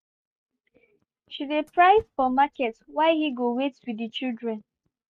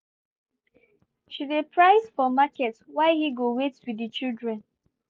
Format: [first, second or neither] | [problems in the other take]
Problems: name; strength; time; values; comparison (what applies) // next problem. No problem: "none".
second | noise reduction (neural mask model RNNoise)